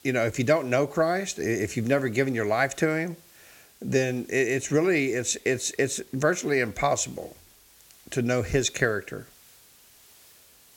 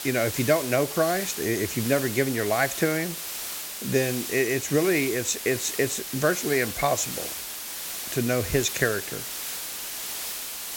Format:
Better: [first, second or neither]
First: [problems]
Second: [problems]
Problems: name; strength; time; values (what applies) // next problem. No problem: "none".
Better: first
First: hiss; faint; throughout; 25 dB below the speech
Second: hiss; loud; throughout; 6 dB below the speech